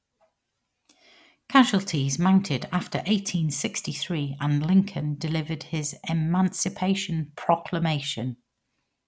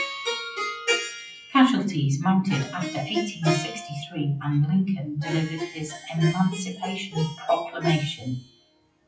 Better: first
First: none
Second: noise reduction (classical method WPE with log-MMSE)

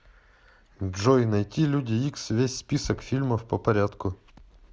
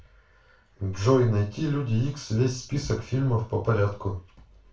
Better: first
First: none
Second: room echo; dies away in 0.3 s

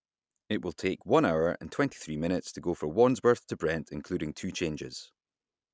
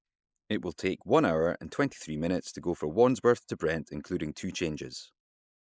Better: first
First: none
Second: noise reduction (neural mask model Resemble Enhance denoiser)

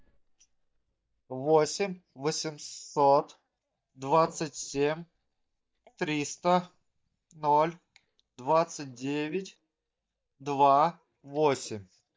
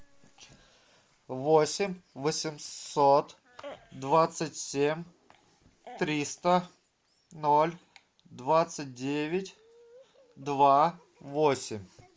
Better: second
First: noise reduction (neural mask model DeepFilterNet 3)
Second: none

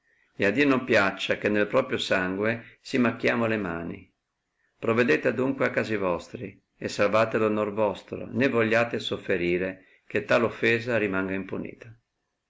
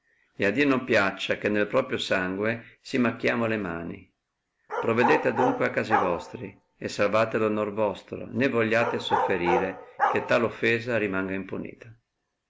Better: first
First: none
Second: background sound (Bark); 3 dB below the speech

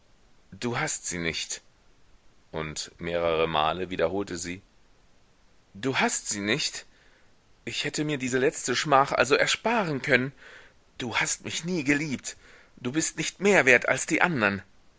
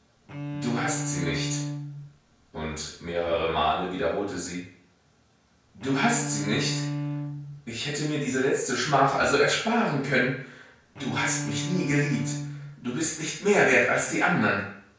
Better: first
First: none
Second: background sound (Bowed string instrument); 7 dB below the speech // room echo; dies away in 0.5 s

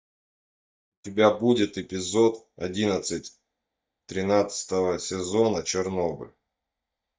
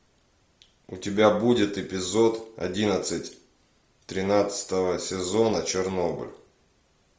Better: second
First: noise reduction (neural mask model DeepFilterNet 3)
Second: none

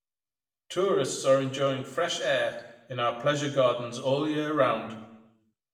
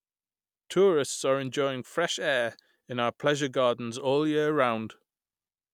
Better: second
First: room echo; dies away in 0.7 s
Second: none

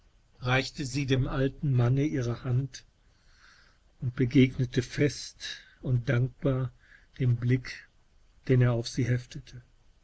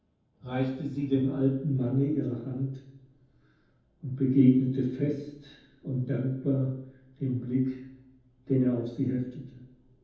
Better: first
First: none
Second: room echo; dies away in 0.9 s

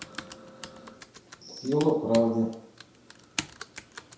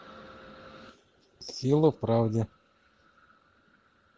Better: second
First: background sound (Computer keyboard); 13 dB below the speech // room echo; dies away in 0.7 s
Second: none

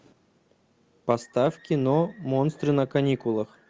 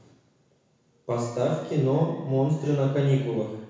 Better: first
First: none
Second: room echo; dies away in 1 s

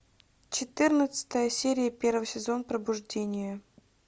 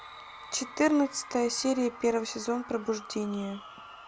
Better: first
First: none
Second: background sound (Crowd / Cheering); 16 dB below the speech

